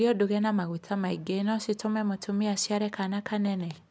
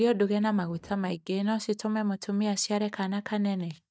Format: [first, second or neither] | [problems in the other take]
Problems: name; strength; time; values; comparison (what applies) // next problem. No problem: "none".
first | noise reduction (neural mask model DeepFilterNet 3)